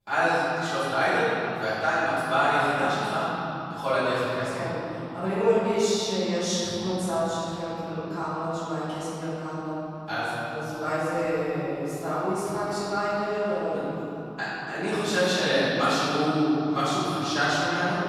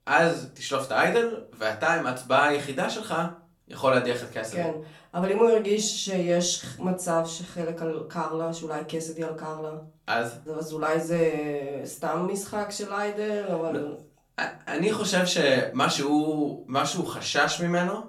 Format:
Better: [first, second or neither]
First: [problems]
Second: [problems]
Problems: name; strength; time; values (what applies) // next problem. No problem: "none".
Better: second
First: room echo; strong; dies away in 3 s // off-mic speech; far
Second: room echo; slight; dies away in 0.3 s // off-mic speech; far